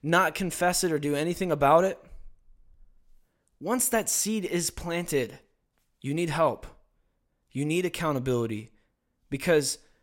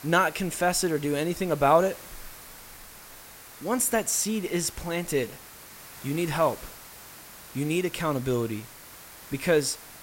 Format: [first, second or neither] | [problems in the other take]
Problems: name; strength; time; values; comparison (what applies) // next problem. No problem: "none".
first | hiss; noticeable; throughout; 15 dB below the speech